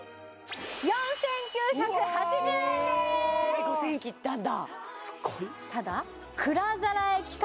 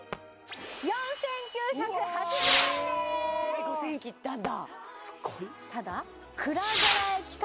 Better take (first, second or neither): first